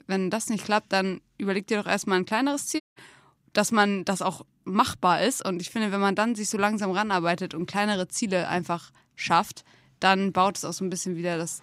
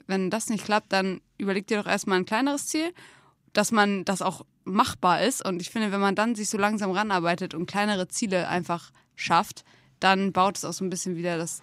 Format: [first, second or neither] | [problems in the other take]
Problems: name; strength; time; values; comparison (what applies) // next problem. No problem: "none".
second | audio cutting out; at 3 s